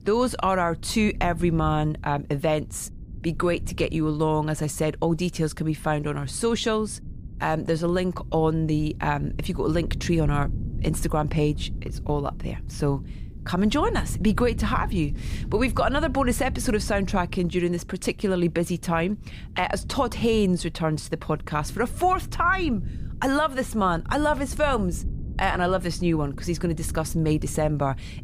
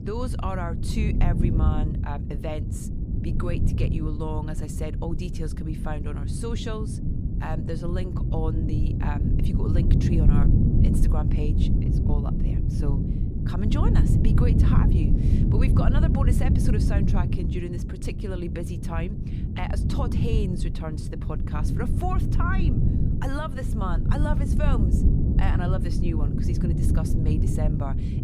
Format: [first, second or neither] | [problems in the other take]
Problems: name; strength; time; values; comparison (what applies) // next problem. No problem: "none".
first | low rumble; loud; throughout; 1 dB below the speech; faint in the first